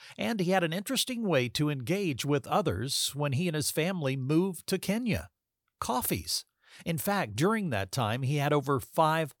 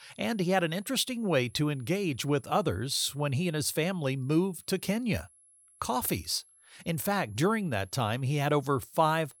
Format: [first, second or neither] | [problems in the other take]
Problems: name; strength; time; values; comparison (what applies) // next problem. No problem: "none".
first | high-pitched whine; faint; throughout; 11 kHz, 30 dB below the speech